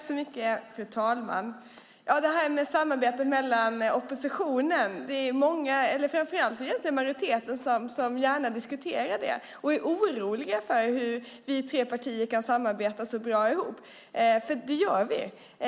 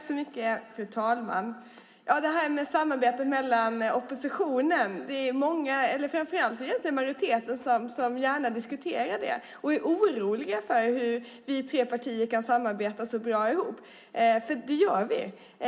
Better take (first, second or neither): first